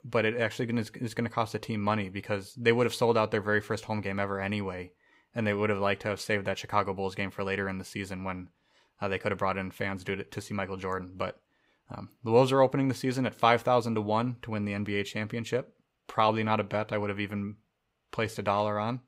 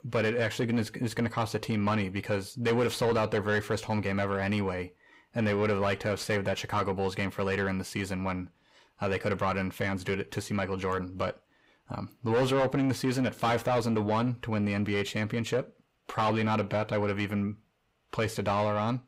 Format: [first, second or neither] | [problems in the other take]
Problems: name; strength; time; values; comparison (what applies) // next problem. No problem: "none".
first | distortion; heavy; 7 dB below the speech